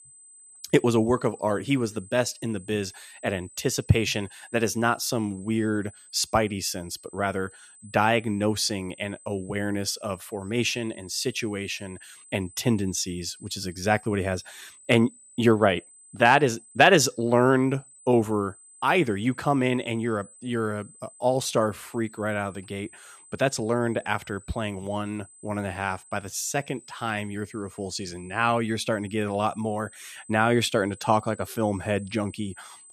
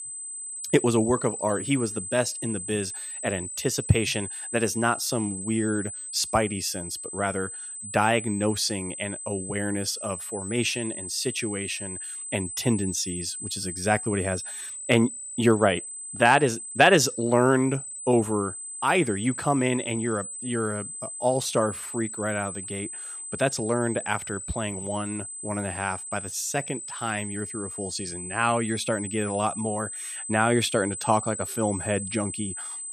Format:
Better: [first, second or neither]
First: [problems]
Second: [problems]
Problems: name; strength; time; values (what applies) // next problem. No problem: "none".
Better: first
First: high-pitched whine; faint; throughout; 8 kHz, 20 dB below the speech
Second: high-pitched whine; loud; throughout; 8 kHz, 7 dB below the speech